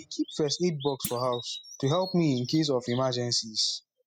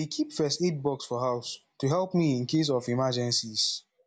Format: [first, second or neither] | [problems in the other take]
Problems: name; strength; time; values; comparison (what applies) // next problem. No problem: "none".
second | noise reduction (classical method spectral subtraction)